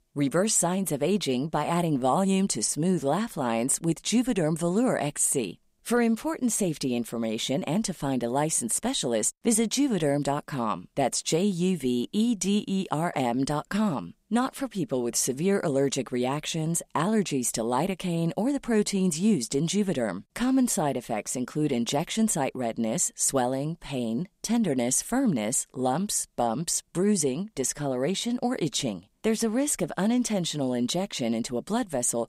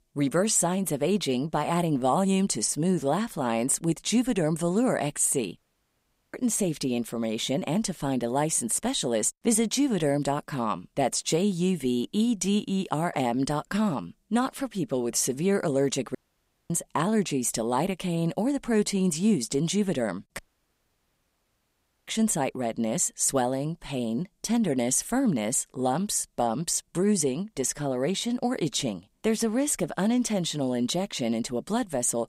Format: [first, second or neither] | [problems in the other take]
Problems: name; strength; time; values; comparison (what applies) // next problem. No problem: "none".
first | audio cutting out; at 5.5 s for 1 s, at 16 s for 0.5 s and at 20 s for 1.5 s